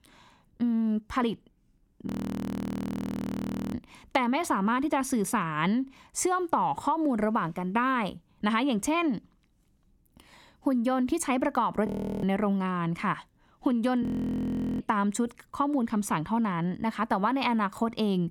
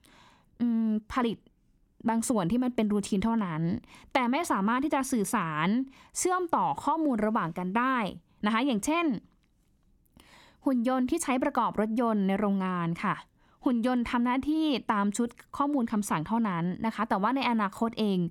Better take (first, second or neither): second